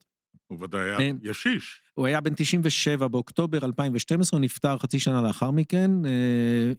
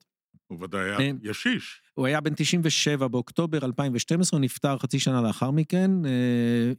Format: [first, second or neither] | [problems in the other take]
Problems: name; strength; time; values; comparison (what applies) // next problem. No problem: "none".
second | garbled, watery; slightly